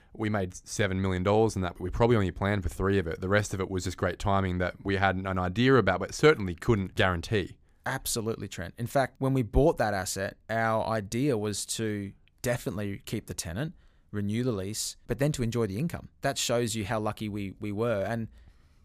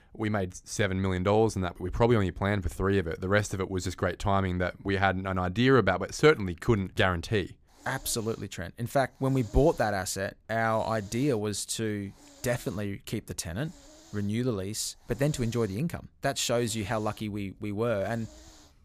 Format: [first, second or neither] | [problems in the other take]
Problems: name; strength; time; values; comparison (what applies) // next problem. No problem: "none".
first | hiss; faint; from 7.5 s on; 25 dB below the speech